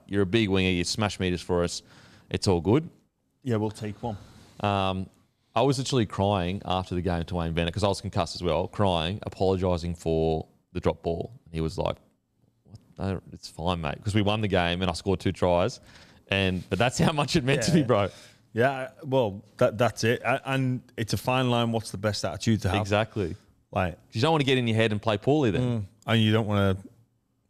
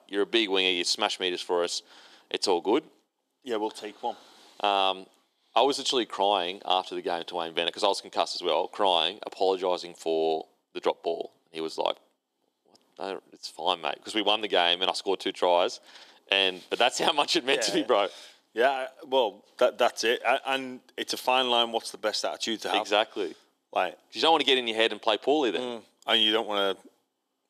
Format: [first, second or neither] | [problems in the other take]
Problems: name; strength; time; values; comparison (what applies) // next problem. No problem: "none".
first | thin; very; fading below 350 Hz